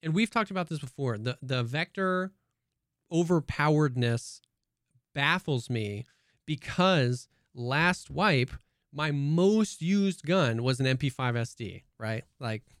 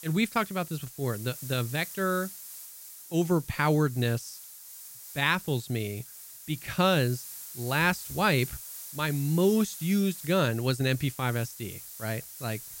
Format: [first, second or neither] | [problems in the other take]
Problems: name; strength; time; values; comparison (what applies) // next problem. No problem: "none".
first | hiss; noticeable; throughout; 10 dB below the speech